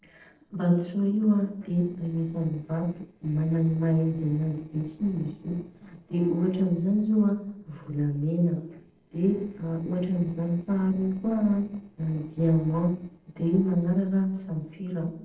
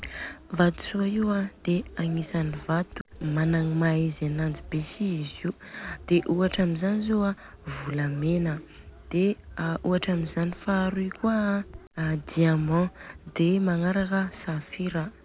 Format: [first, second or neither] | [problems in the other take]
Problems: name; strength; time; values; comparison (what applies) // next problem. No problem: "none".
second | noise reduction (neural separator model SepFormer DNS4)